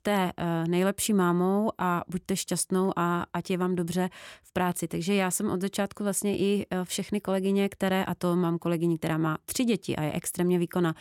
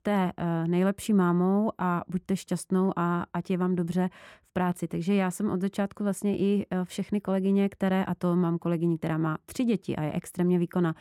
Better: first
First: none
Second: muffled; slightly; fading above 2.5 kHz

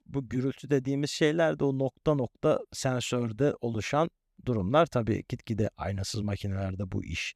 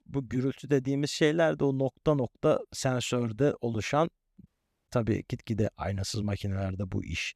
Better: first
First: none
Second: audio cutting out; at 4.5 s

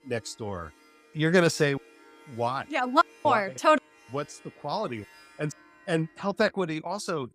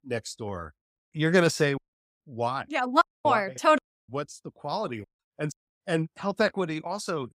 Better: second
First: background music; faint; throughout; 25 dB below the speech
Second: none

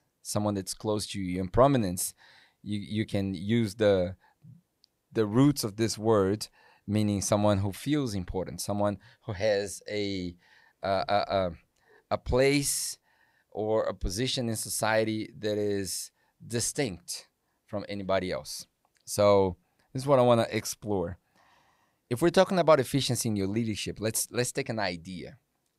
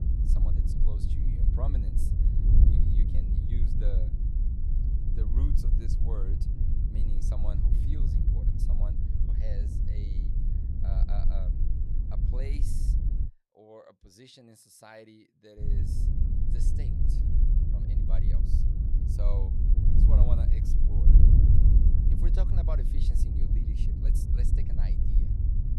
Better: first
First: none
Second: wind noise on the microphone; heavy; until 13 s and from 16 s on; 3 dB above the speech

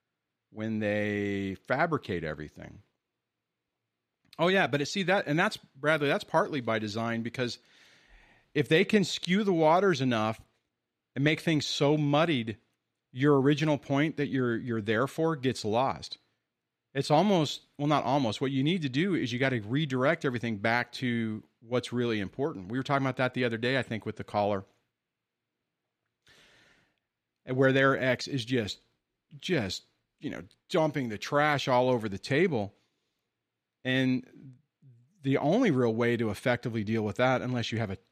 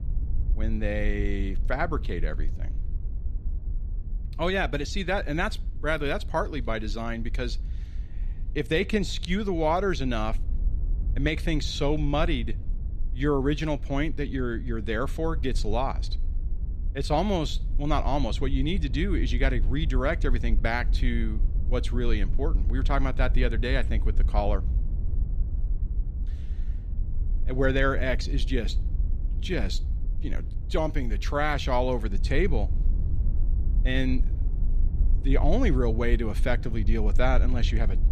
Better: first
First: none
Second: wind noise on the microphone; occasional gusts; 20 dB below the speech

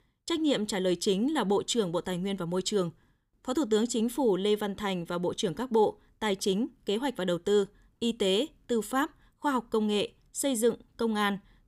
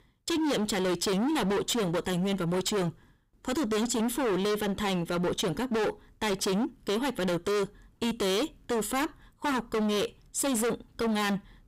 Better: first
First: none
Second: distortion; heavy; 31% of the sound clipped

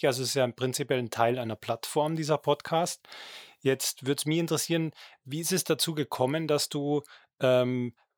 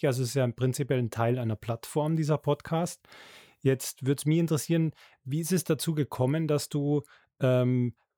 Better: second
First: thin; somewhat; fading below 800 Hz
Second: none

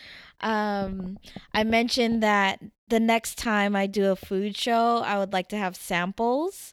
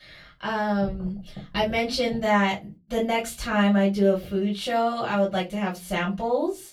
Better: first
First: none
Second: off-mic speech; far // room echo; very slight; dies away in 0.2 s

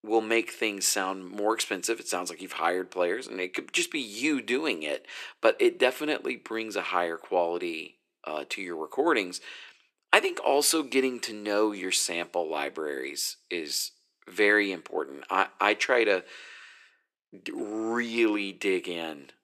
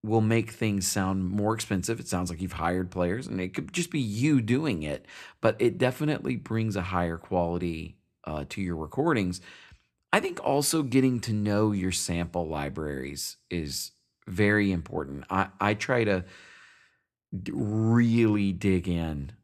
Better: second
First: thin; somewhat; fading below 350 Hz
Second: none

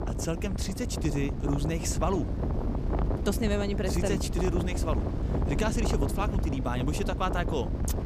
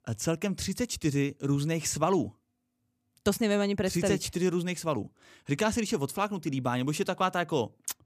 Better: second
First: wind noise on the microphone; heavy; 5 dB below the speech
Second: none

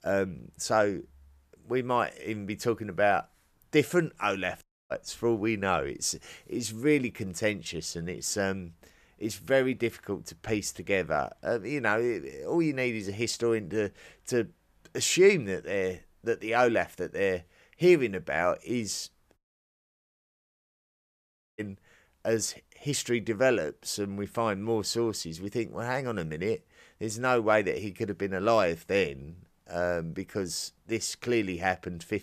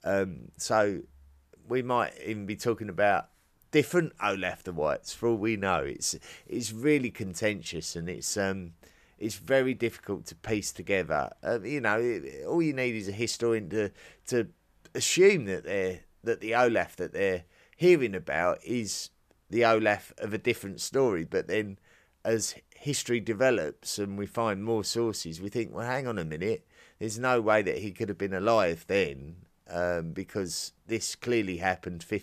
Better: second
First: audio cutting out; at 4.5 s and at 19 s for 2 s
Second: none

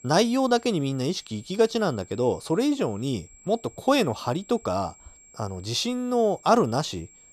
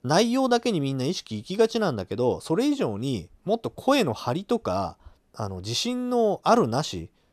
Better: second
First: high-pitched whine; faint; throughout; 7.5 kHz, 25 dB below the speech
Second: none

